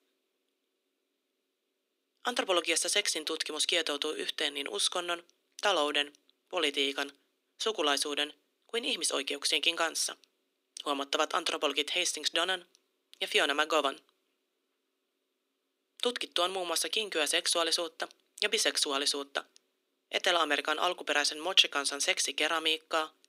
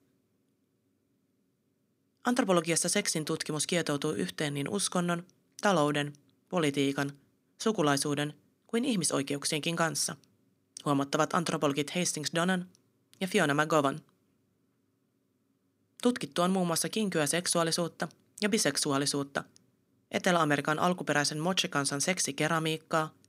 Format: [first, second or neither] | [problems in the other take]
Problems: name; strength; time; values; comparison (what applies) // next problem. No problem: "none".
second | thin; somewhat; fading below 350 Hz